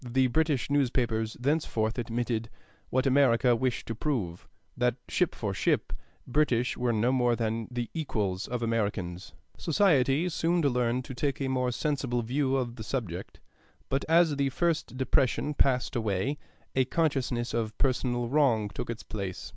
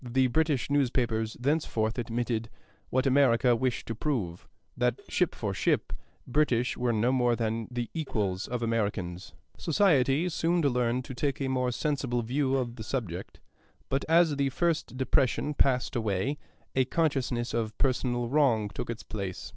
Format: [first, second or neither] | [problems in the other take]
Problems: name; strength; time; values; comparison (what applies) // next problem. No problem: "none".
first | noise reduction (neural separator model SepFormer DNS4)